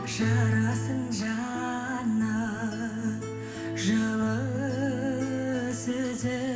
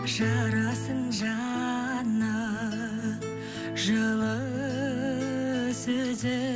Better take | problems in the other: second | room echo; dies away in 1.1 s

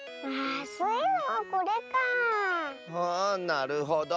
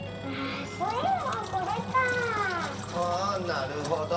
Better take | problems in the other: first | background sound (Engine); 8 dB below the speech // room echo; dies away in 2.1 s

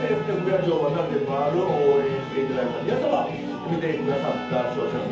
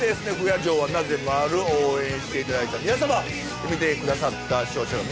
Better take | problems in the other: second | background sound (Trumpet); 17 dB below the speech // room echo; dies away in 0.5 s

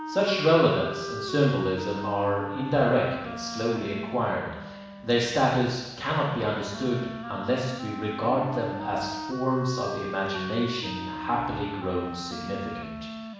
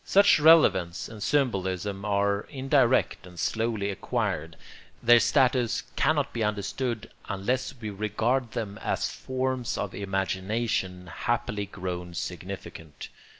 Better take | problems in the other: second | background sound (Wind instrument, woodwind instrument); 9 dB below the speech // room echo; dies away in 1.1 s

